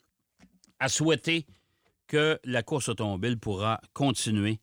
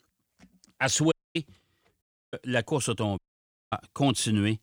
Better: first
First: none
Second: audio cutting out; at 1 s, at 2 s and at 3 s for 0.5 s

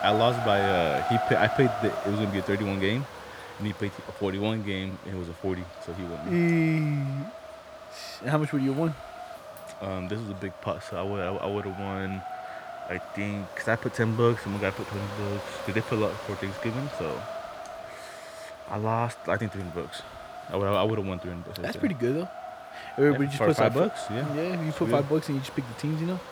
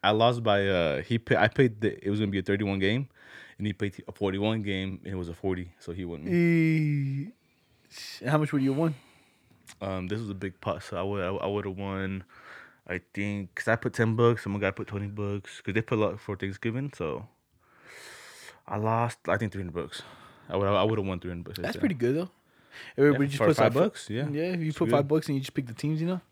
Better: second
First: wind noise on the microphone; heavy; 6 dB below the speech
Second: none

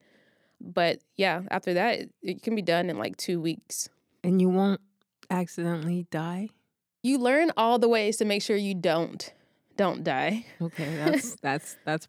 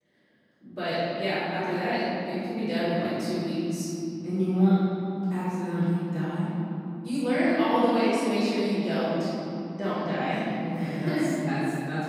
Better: first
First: none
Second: off-mic speech; far // room echo; strong; dies away in 3 s

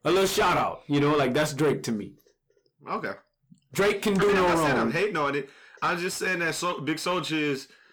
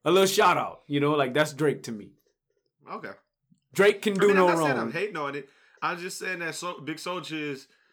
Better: second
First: distortion; heavy; 6 dB below the speech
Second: none

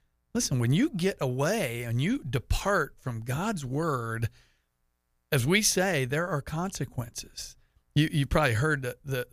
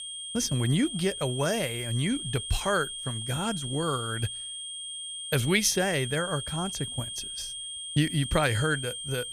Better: first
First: none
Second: high-pitched whine; loud; throughout; 3 kHz, 6 dB below the speech

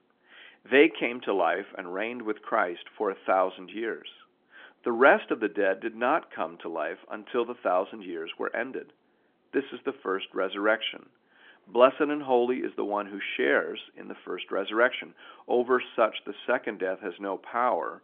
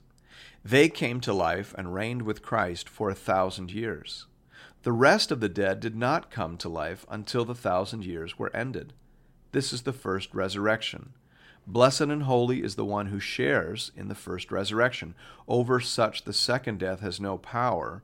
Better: second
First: phone-call audio; nothing above 3.5 kHz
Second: none

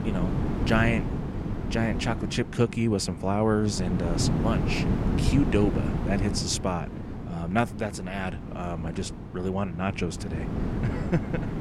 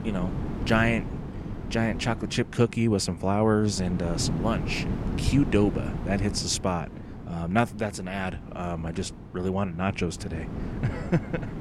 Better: second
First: wind noise on the microphone; heavy; 7 dB below the speech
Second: wind noise on the microphone; occasional gusts; 10 dB below the speech

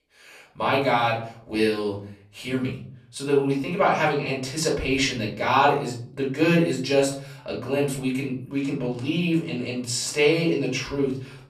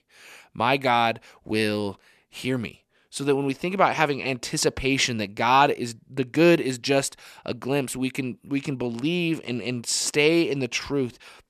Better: second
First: off-mic speech; far // room echo; slight; dies away in 0.5 s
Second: none

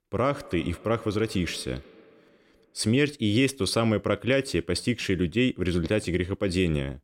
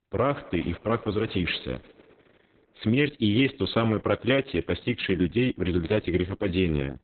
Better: first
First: none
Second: garbled, watery; badly; nothing above 4 kHz

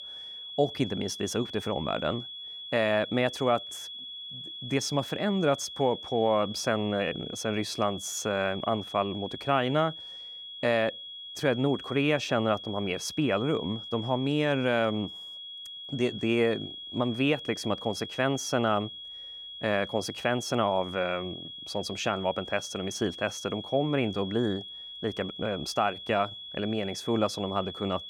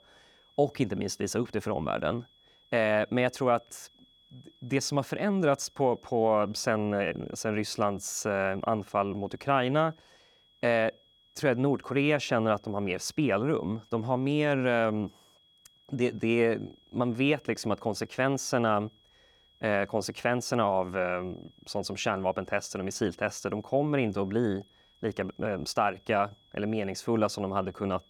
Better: second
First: high-pitched whine; loud; throughout; 3.5 kHz, 10 dB below the speech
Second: high-pitched whine; faint; throughout; 3.5 kHz, 30 dB below the speech

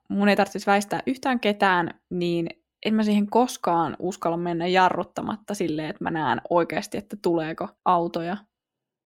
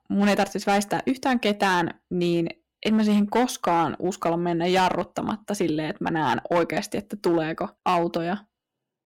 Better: first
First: none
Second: distortion; slight; 6% of the sound clipped

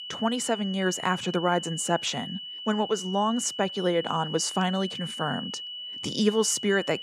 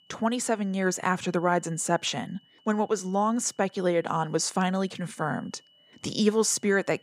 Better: second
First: high-pitched whine; loud; throughout; 3 kHz, 8 dB below the speech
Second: high-pitched whine; faint; throughout; 3 kHz, 30 dB below the speech

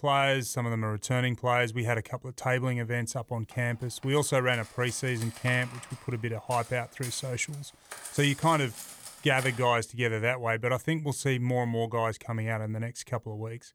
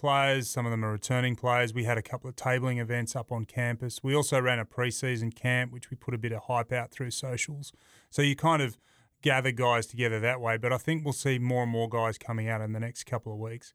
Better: second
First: clattering dishes; faint; from 3.5 to 9.5 s; peak 10 dB below the speech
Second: none

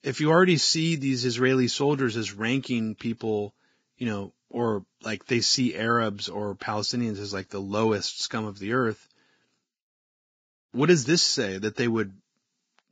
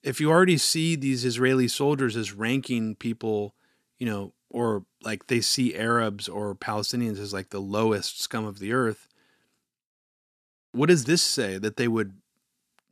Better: second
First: garbled, watery; badly; nothing above 7.5 kHz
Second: none

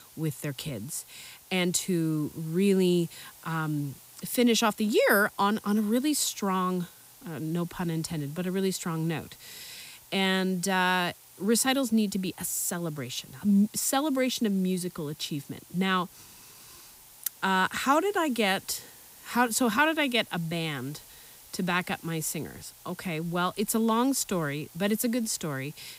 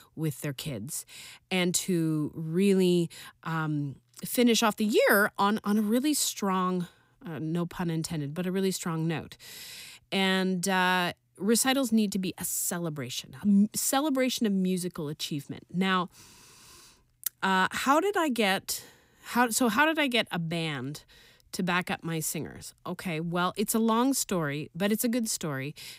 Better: second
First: hiss; faint; throughout; 20 dB below the speech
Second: none

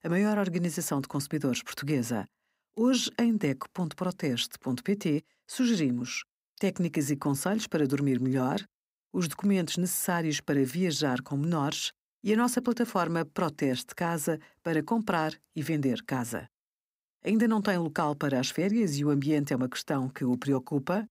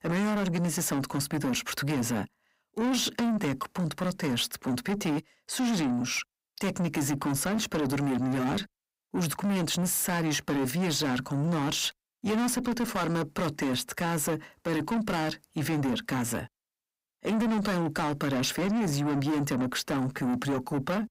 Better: first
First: none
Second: distortion; heavy; 7 dB below the speech

